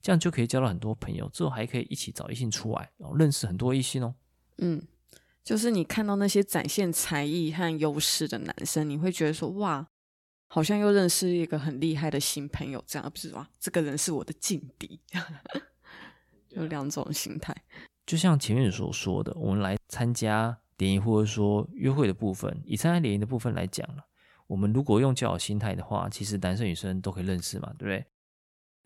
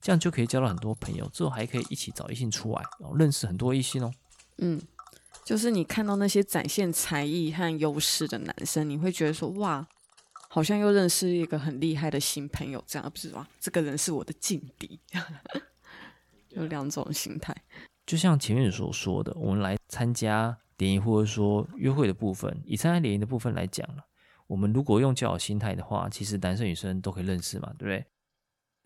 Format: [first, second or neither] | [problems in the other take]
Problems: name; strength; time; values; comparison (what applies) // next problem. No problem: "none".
first | household noises; faint; throughout; 25 dB below the speech